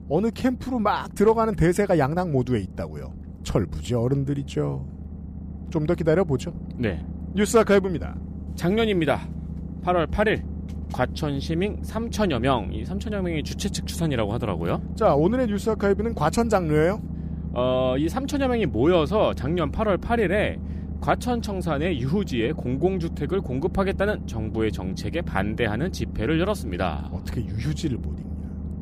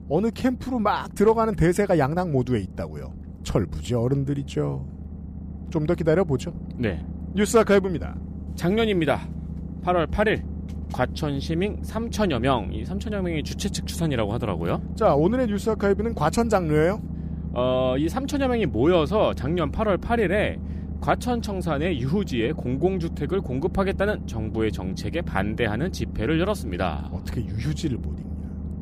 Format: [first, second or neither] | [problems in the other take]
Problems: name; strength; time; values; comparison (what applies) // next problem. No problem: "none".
neither | low rumble; noticeable; throughout; 20 dB below the speech; the same in both